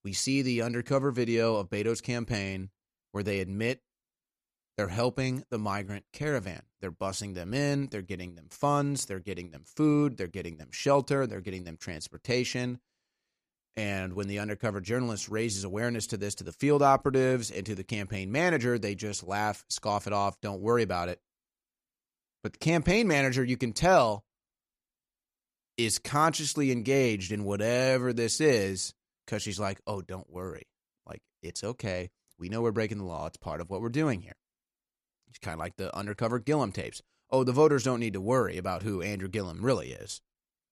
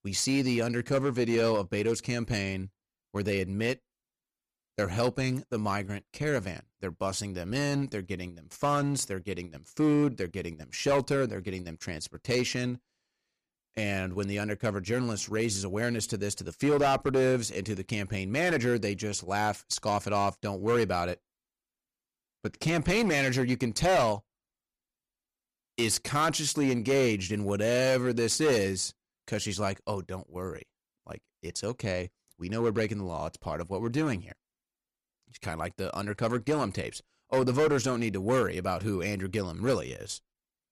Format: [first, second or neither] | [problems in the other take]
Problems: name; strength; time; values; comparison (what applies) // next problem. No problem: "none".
first | distortion; slight; 5% of the sound clipped